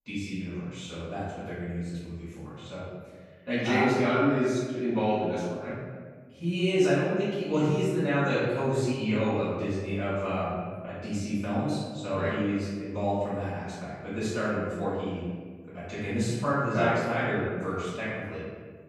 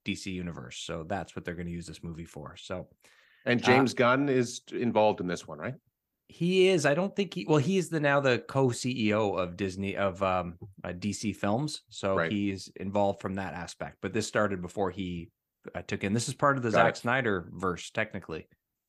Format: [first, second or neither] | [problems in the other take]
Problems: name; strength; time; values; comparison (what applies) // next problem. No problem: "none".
second | off-mic speech; far // room echo; strong; dies away in 1.6 s